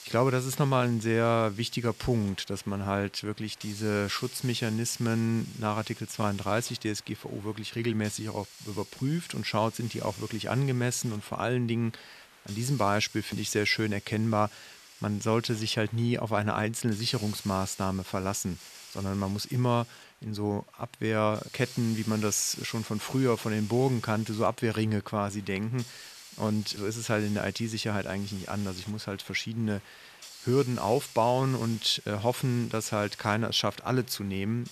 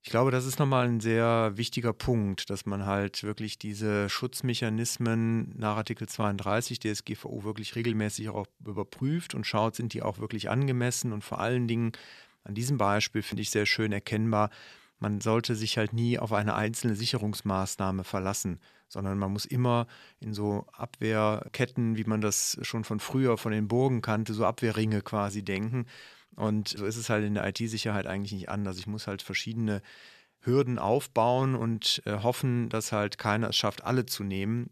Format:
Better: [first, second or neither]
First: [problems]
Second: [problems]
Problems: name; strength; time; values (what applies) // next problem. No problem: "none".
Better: second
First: hiss; noticeable; throughout; 15 dB below the speech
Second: none